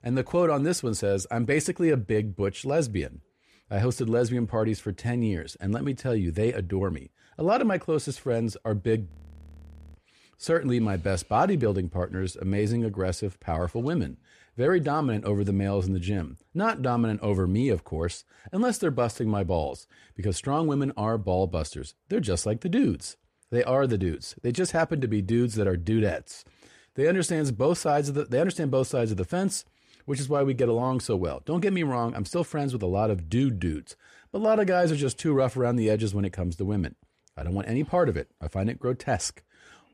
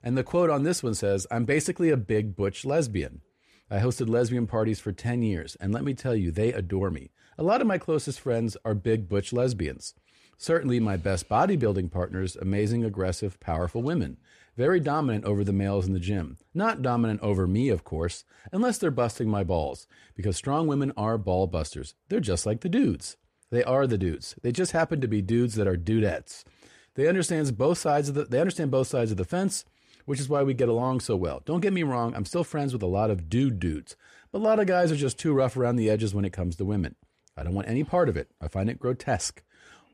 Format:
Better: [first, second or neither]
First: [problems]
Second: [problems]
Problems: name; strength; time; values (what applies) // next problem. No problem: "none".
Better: second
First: audio freezing; at 9 s for 1 s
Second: none